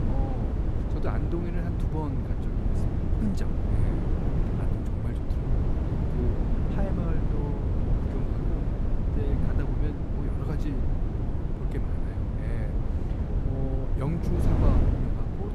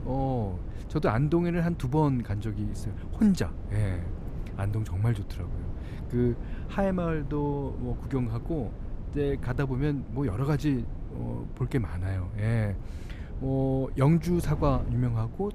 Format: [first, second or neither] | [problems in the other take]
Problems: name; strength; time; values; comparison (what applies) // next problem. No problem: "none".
second | wind noise on the microphone; heavy; 3 dB above the speech; occasional gusts in the second